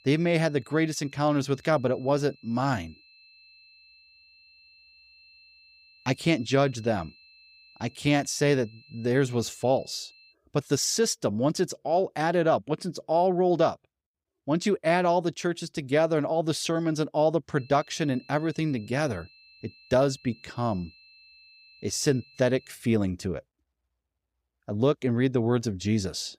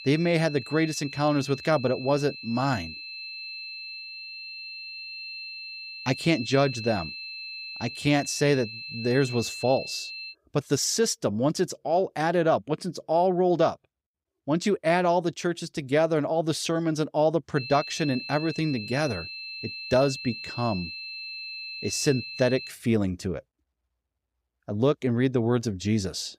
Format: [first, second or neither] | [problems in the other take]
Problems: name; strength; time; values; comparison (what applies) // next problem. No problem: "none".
first | high-pitched whine; loud; until 10 s and from 18 to 23 s; 2.5 kHz, 10 dB below the speech; faint in the first